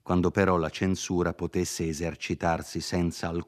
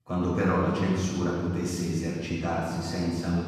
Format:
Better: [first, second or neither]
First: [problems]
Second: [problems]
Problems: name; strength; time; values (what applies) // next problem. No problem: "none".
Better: first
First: none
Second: off-mic speech; far // room echo; strong; dies away in 2 s